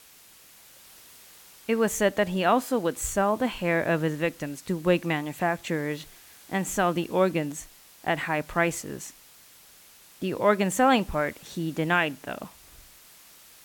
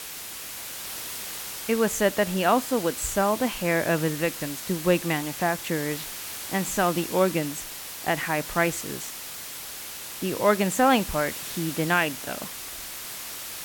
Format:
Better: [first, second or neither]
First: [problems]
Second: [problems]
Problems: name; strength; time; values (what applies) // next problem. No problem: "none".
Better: first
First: hiss; faint; throughout; 25 dB below the speech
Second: hiss; loud; throughout; 8 dB below the speech